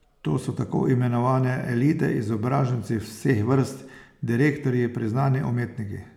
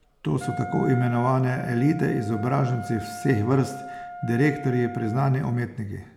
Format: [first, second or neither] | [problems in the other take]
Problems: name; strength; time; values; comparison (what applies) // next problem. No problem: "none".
first | background sound (Wind instrument, woodwind instrument); 13 dB below the speech